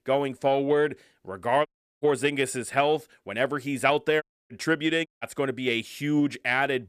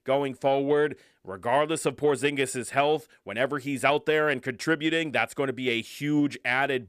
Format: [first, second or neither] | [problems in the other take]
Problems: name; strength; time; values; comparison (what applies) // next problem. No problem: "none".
second | audio cutting out; at 1.5 s, at 4 s and at 5 s